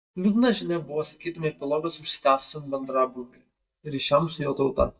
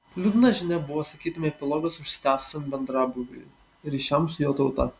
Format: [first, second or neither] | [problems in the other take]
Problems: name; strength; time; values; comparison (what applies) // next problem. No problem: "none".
second | noise reduction (neural mask model DeepFilterNet 3)